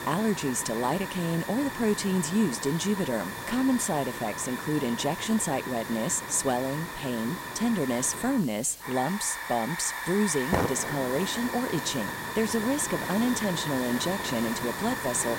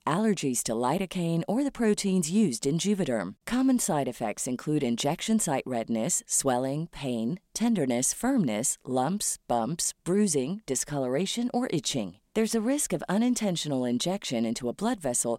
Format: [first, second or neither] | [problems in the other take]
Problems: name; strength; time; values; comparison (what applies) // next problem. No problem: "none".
second | hiss; loud; throughout; 5 dB below the speech